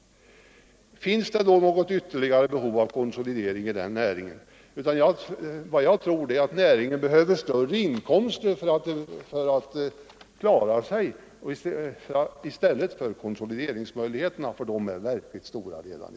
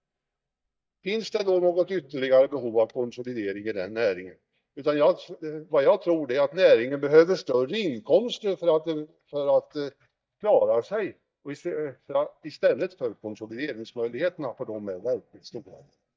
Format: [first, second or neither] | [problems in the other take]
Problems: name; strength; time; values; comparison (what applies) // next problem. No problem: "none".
first | noise reduction (neural mask model DeepFilterNet 3)